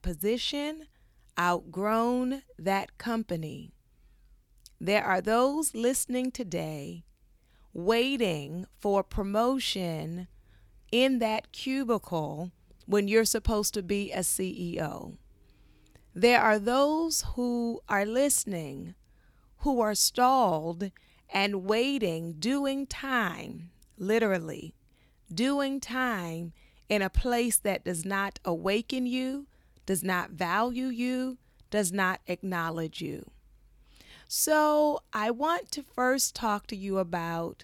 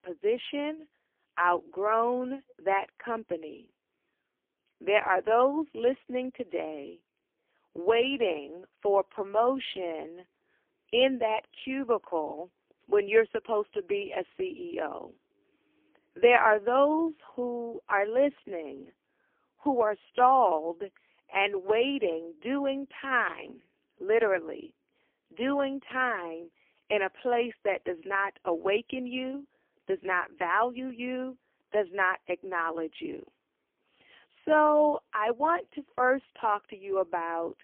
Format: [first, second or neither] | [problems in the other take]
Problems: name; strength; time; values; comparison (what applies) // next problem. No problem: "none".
first | phone-call audio; poor line; nothing above 3 kHz